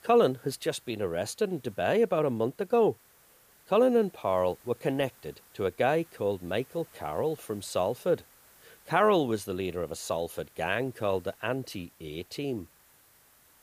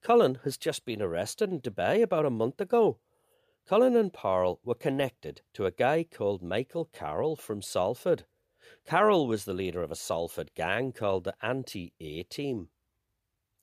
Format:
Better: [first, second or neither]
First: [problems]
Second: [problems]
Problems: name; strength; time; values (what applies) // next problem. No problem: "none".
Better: second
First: hiss; faint; throughout; 25 dB below the speech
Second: none